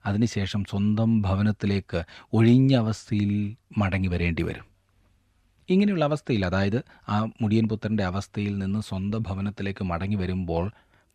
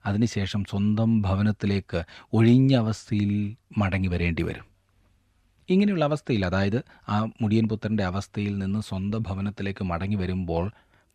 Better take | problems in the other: neither | none

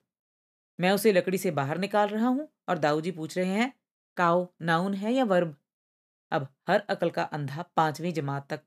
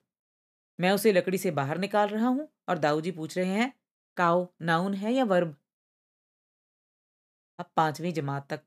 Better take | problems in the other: first | audio cutting out; at 6 s for 1.5 s

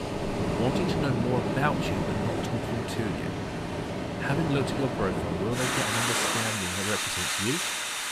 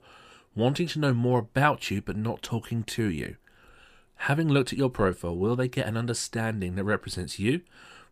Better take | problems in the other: second | rain or running water; very loud; throughout; 3 dB above the speech

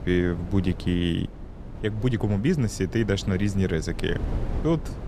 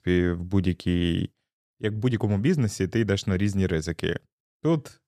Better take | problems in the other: second | wind noise on the microphone; occasional gusts; 15 dB below the speech

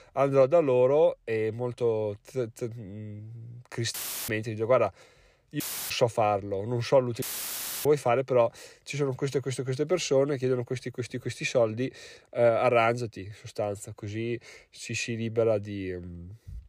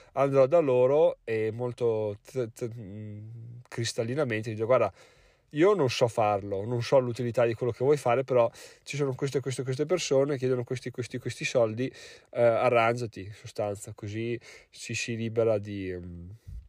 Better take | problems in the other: second | audio cutting out; filled with static; at 4 s, at 5.5 s and at 7 s for 0.5 s

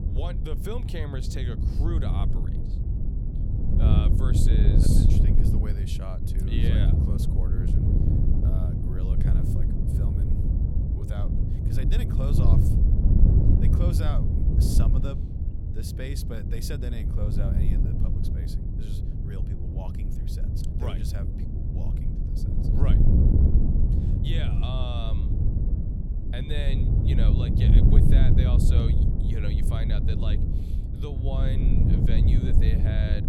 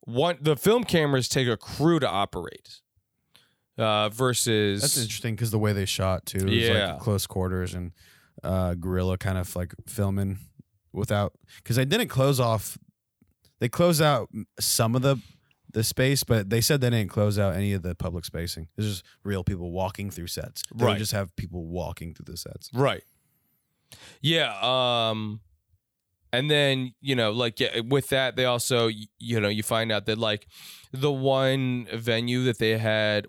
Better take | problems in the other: second | wind noise on the microphone; heavy; 2 dB above the speech

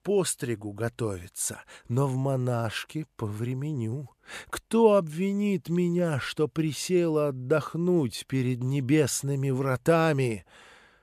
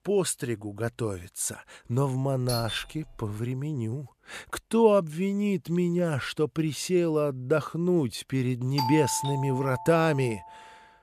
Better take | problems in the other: first | doorbell; noticeable; at 2.5 s and from 9 to 10 s; peak 2 dB below the speech

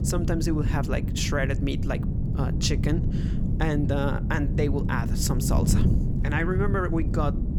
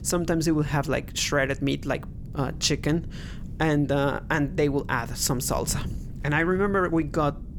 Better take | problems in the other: second | wind noise on the microphone; heavy; 7 dB below the speech; occasional gusts in the second

